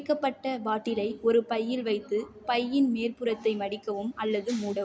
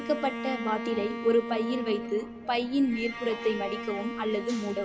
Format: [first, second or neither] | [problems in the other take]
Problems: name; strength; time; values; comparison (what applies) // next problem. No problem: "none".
first | background sound (Bowed string instrument); 7 dB below the speech